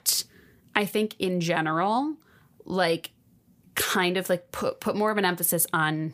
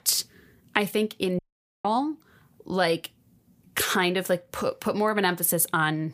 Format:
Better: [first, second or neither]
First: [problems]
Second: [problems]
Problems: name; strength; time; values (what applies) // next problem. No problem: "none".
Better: first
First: none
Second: audio cutting out; at 1.5 s